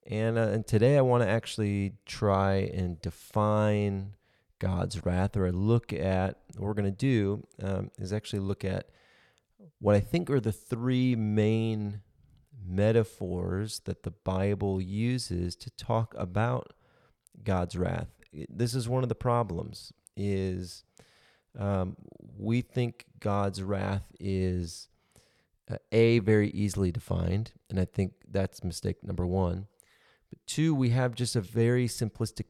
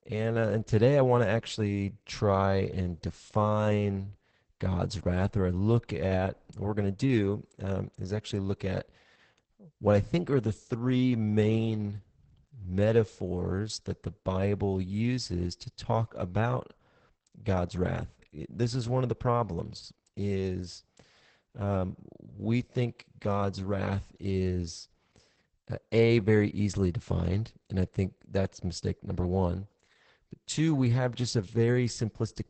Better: first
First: none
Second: garbled, watery; badly; nothing above 8 kHz

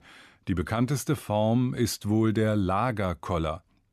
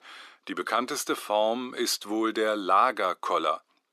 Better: first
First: none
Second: thin; very; fading below 350 Hz

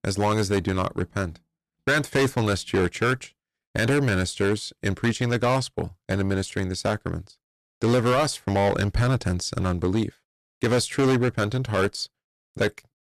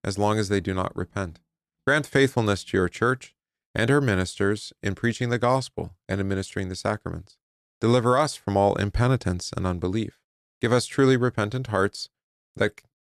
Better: second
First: distortion; heavy; 10% of the sound clipped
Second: none

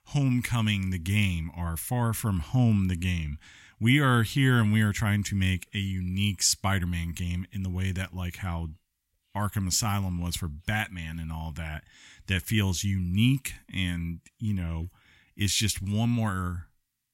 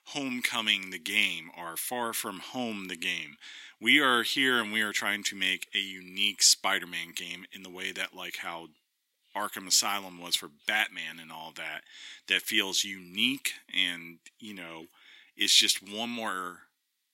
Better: first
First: none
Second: thin; very; fading below 300 Hz

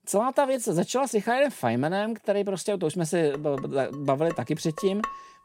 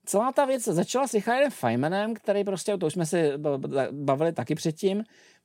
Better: second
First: clattering dishes; noticeable; from 3.5 s on; peak 8 dB below the speech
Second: none

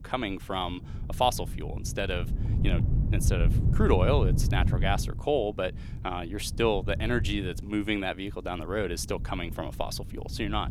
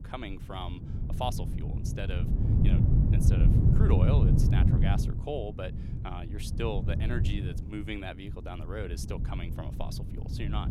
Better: first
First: wind noise on the microphone; occasional gusts; 15 dB below the speech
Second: wind noise on the microphone; heavy; 1 dB below the speech

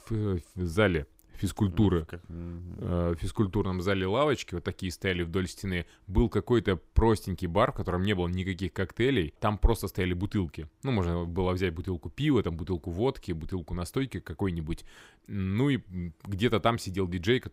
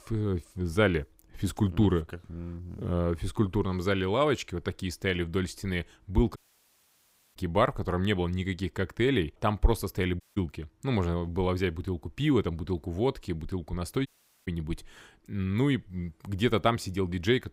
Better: first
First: none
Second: audio cutting out; at 6.5 s for 1 s, at 10 s and at 14 s

